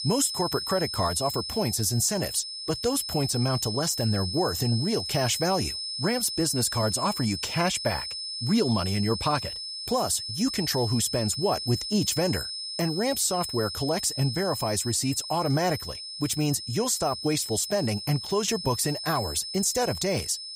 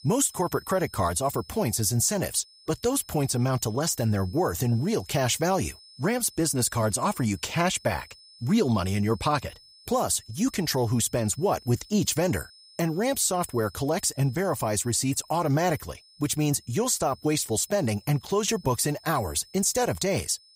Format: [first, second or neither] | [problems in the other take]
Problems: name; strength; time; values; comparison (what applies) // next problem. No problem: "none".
second | high-pitched whine; loud; throughout; 5 kHz, 5 dB below the speech; faint in the second